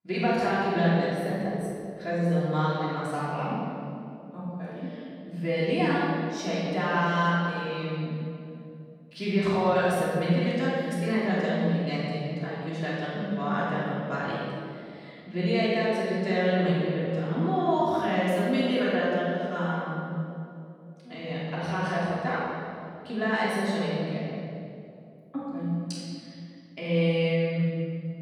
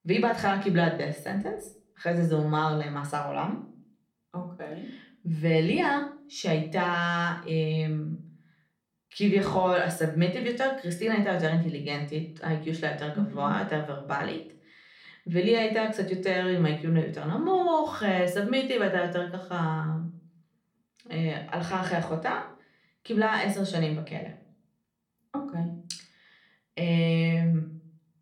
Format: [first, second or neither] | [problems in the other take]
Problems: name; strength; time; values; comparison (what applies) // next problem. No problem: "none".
second | room echo; strong; dies away in 2.4 s; slight in the second // off-mic speech; far